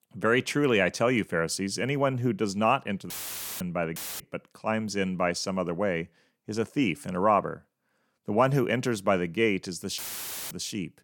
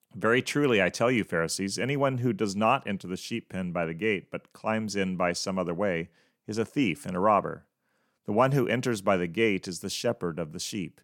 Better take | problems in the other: second | audio cutting out; filled with static; at 3 s for 0.5 s, at 4 s and at 10 s for 0.5 s

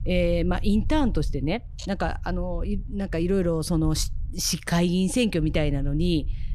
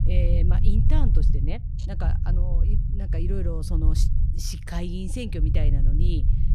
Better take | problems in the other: first | low rumble; loud; throughout; 4 dB below the speech; faint in the first

